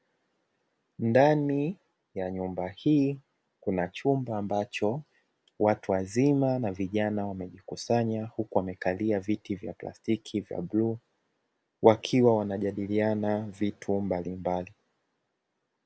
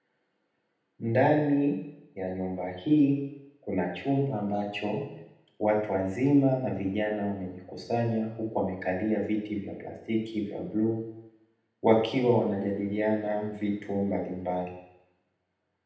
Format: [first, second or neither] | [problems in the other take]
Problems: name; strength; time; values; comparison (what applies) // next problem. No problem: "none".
first | room echo; dies away in 0.8 s